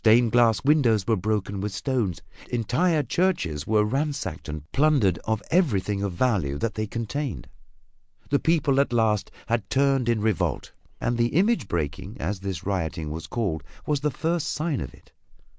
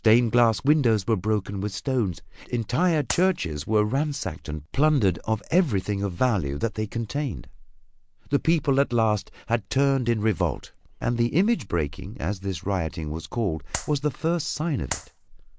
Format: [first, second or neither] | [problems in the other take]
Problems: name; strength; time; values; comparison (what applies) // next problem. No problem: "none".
first | background sound (Clapping); 9 dB below the speech